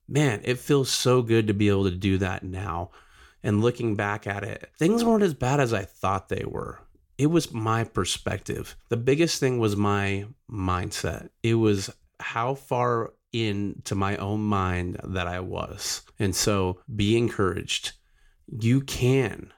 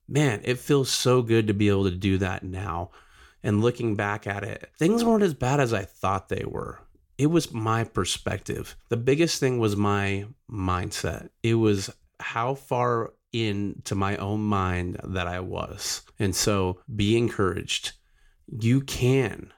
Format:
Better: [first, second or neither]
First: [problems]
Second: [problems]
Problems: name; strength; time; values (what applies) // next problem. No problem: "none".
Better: neither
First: none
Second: none